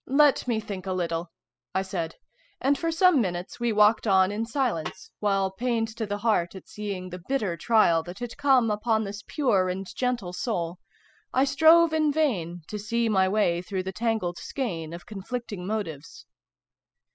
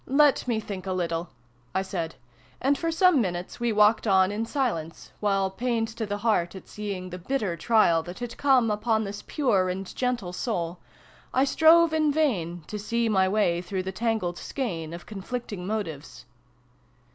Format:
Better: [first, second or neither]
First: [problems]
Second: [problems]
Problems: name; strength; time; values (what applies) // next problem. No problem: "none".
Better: second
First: noise reduction (classical method spectral subtraction)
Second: none